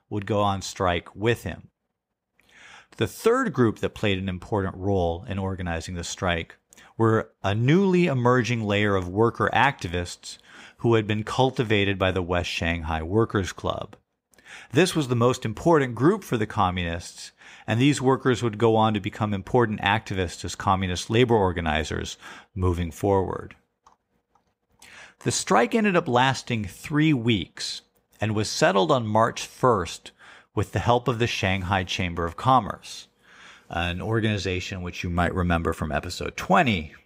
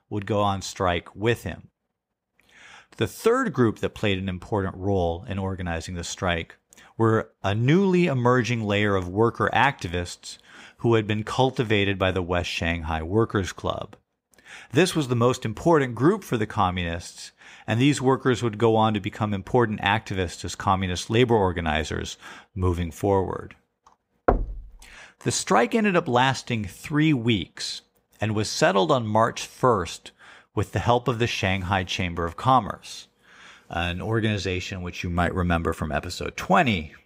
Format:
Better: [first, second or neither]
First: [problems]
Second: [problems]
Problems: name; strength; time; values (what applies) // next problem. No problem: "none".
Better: first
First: none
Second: door banging; noticeable; at 24 s; peak 1 dB below the speech